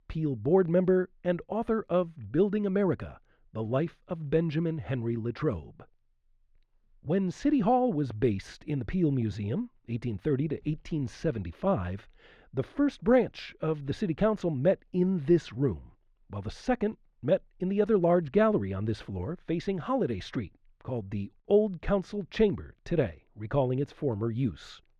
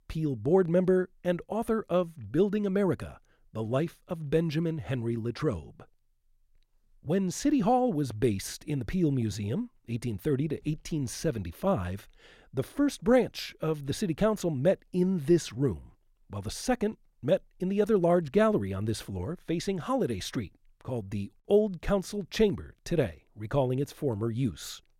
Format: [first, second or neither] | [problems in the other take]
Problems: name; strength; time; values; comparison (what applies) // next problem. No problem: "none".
second | muffled; slightly; fading above 3 kHz